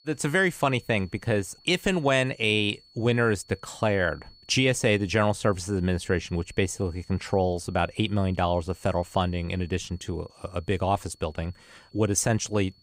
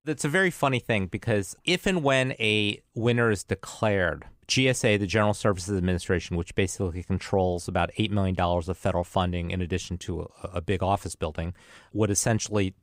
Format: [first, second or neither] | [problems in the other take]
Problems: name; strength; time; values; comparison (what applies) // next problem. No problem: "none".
second | high-pitched whine; faint; throughout; 4.5 kHz, 30 dB below the speech